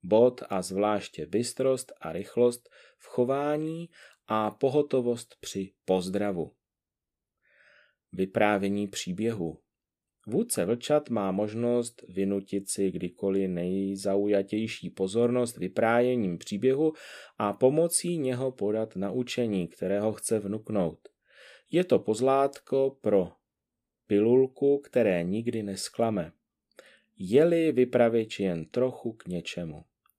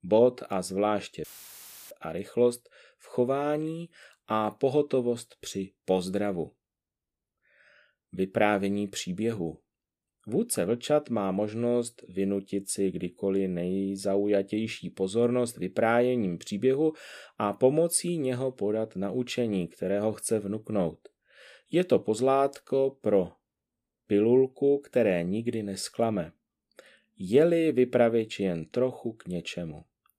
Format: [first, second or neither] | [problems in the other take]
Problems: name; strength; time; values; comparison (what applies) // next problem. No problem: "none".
first | audio cutting out; filled with static; at 1 s for 0.5 s